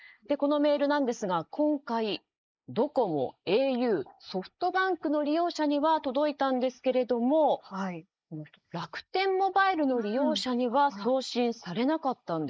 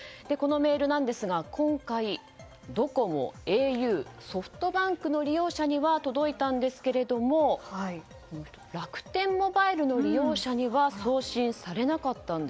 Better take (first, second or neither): second